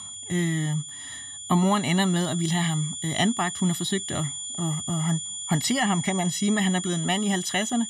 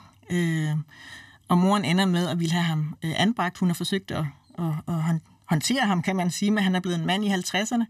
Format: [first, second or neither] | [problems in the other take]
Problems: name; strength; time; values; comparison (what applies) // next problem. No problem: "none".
second | high-pitched whine; loud; throughout; 7 kHz, 6 dB below the speech